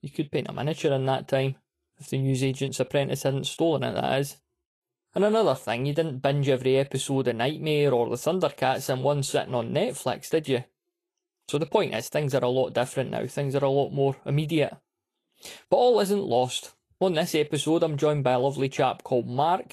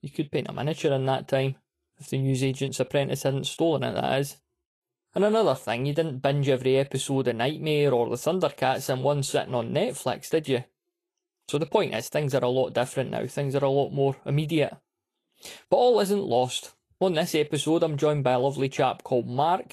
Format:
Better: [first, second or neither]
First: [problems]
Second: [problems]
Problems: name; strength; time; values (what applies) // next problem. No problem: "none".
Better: neither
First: garbled, watery; slightly; nothing above 13 kHz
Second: garbled, watery; slightly; nothing above 13 kHz